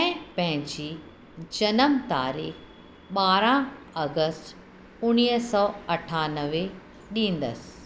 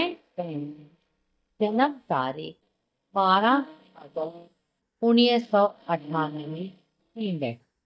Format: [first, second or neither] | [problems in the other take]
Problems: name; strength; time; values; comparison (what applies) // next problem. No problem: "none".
first | noise reduction (neural mask model DeepFilterNet 3)